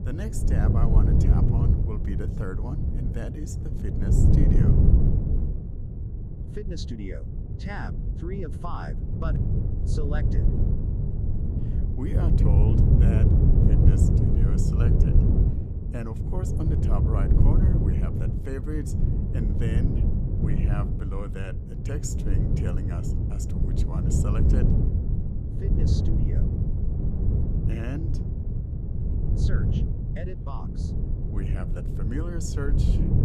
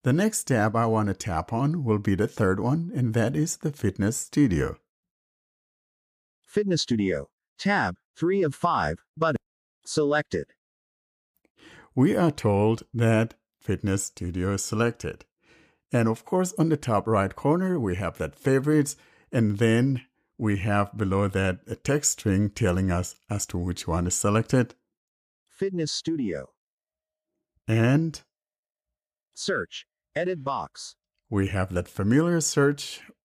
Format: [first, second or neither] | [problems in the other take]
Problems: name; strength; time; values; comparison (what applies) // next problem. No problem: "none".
second | wind noise on the microphone; heavy; 3 dB above the speech